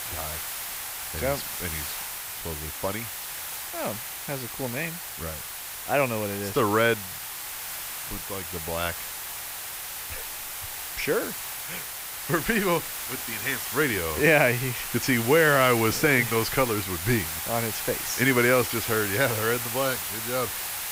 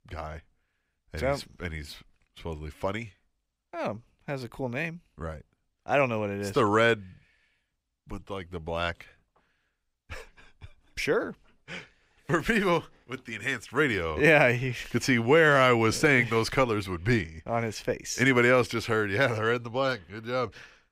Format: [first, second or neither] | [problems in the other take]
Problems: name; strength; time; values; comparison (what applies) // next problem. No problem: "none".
second | hiss; loud; throughout; 6 dB below the speech